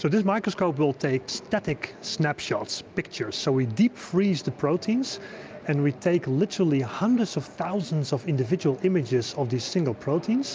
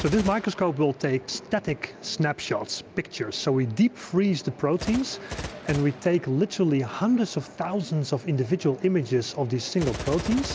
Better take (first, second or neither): first